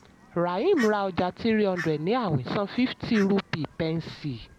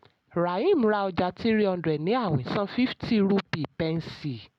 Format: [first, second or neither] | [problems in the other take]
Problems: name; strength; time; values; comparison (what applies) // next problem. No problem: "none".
second | background sound (Fowl); 17 dB below the speech